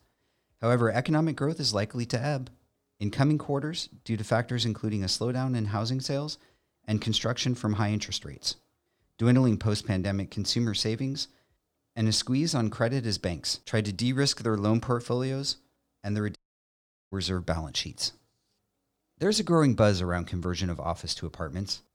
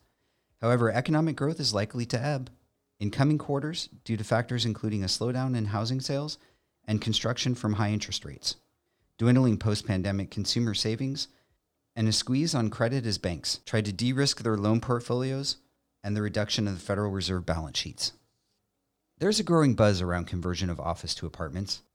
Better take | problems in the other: second | audio cutting out; at 16 s for 1 s

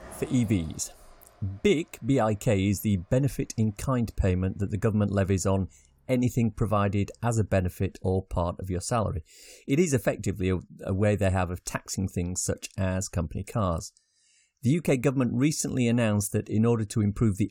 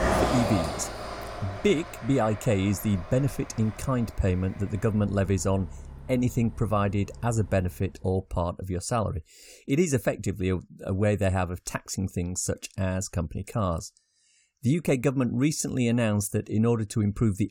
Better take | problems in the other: first | traffic noise; loud; until 8 s; 9 dB below the speech; faint in the first

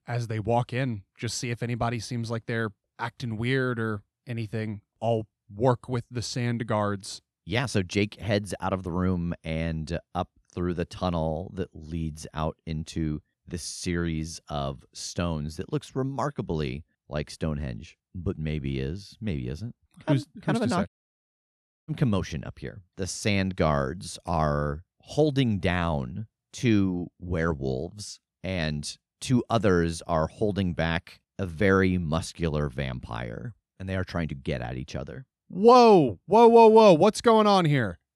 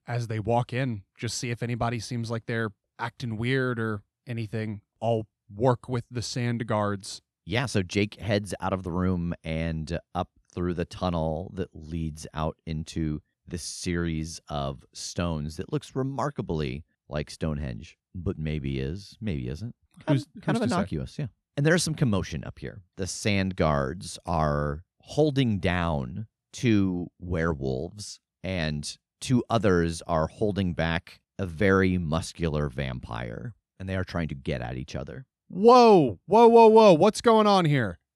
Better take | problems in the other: second | audio cutting out; at 21 s for 1 s

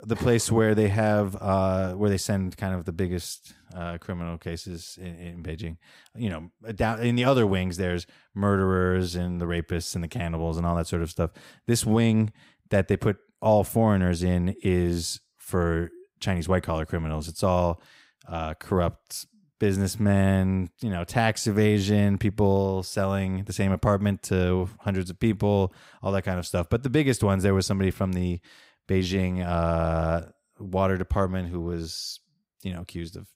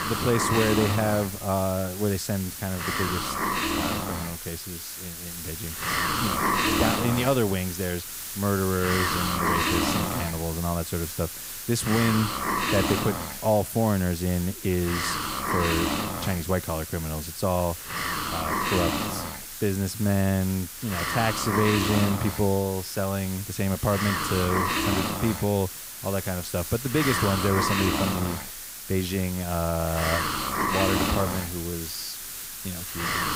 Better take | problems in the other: first | hiss; loud; throughout; 1 dB below the speech

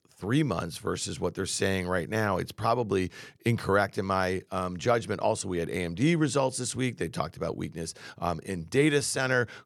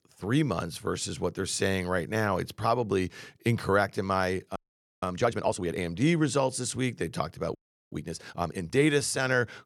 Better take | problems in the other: first | audio freezing; at 4.5 s and at 7.5 s

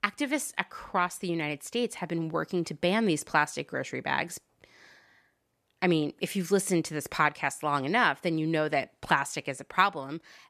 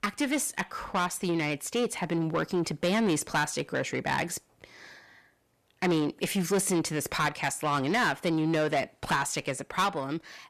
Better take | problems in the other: first | distortion; heavy; 7 dB below the speech

